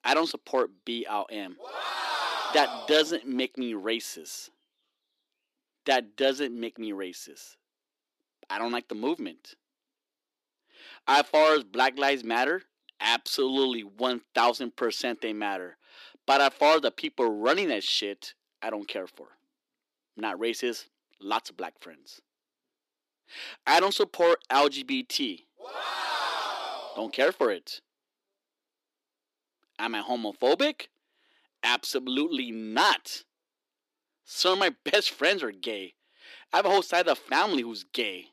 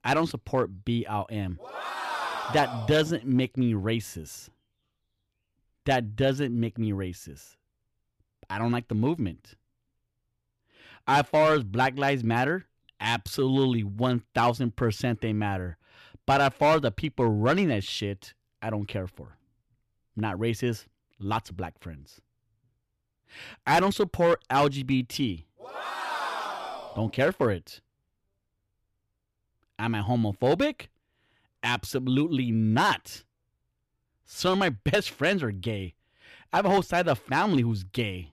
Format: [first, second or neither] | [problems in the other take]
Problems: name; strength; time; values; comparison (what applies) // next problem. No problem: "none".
second | thin; somewhat; fading below 300 Hz